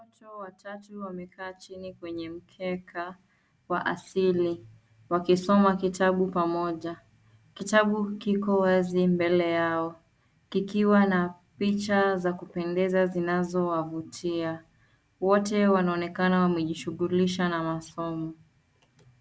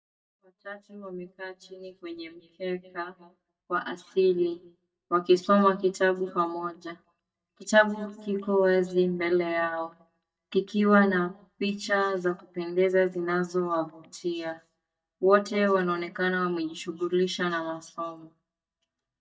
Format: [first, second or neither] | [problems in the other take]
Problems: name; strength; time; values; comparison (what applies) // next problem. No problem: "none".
first | noise reduction (neural mask model DeepFilterNet 3)